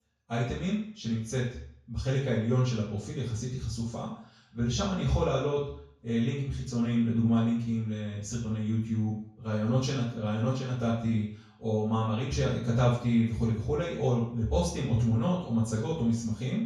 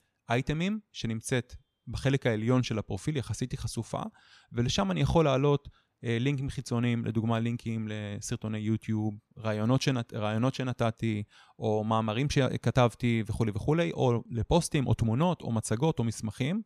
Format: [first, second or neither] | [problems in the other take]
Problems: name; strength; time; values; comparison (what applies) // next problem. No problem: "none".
second | room echo; noticeable; dies away in 0.5 s // off-mic speech; far